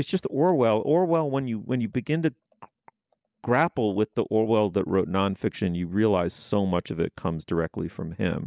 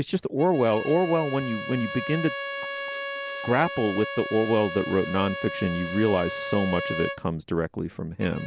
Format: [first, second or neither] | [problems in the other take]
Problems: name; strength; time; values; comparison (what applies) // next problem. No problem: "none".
first | background sound (Bowed string instrument); 8 dB below the speech